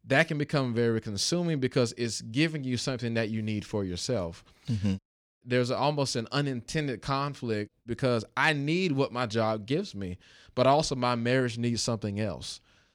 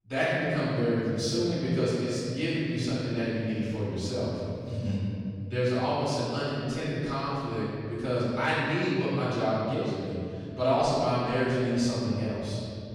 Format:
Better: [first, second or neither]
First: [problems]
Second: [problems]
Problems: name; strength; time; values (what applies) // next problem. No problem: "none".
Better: first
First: none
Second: off-mic speech; far // room echo; strong; dies away in 2.4 s